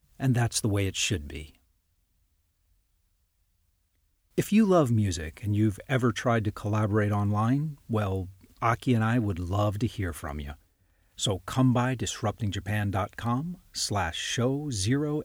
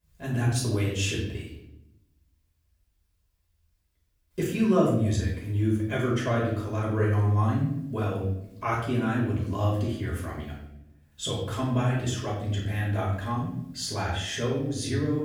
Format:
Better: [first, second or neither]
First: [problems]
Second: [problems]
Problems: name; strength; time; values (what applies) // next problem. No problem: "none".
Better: first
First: none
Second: off-mic speech; far // room echo; noticeable; dies away in 0.7 s